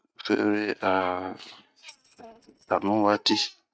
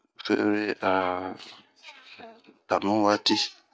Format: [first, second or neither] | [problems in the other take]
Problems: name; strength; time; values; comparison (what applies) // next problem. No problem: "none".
second | noise reduction (neural mask model RNNoise)